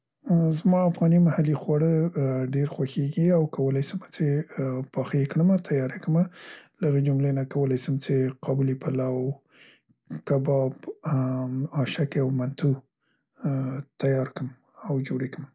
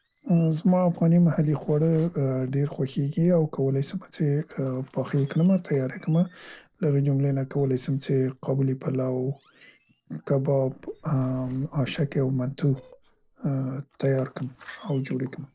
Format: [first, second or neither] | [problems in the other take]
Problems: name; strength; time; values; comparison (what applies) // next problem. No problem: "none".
first | noise reduction (neural separator model SepFormer DNS4)